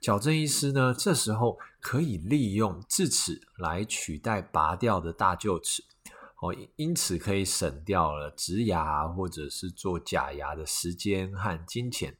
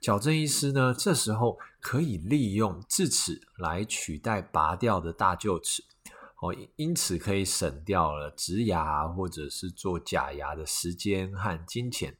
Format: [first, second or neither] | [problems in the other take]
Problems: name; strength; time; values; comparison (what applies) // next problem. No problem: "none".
neither | none